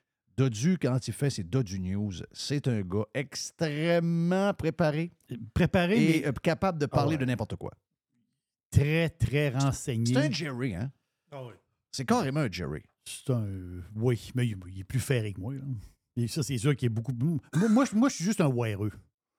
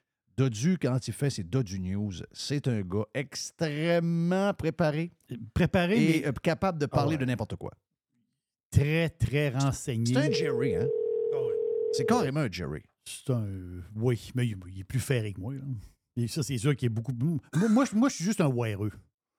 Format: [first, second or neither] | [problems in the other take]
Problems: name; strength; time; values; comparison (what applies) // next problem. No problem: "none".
first | phone ringing; noticeable; from 10 to 12 s; peak level with the speech